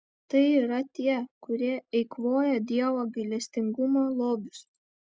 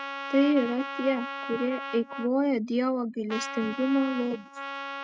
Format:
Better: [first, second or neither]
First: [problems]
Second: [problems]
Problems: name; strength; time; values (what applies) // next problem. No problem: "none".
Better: first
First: none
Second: noise reduction (neural mask model RNNoise)